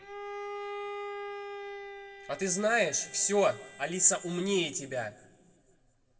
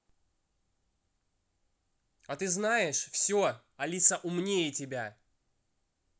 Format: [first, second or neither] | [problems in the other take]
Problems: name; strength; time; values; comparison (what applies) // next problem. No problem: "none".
second | background sound (Bowed string instrument); 11 dB below the speech // room echo; dies away in 1.6 s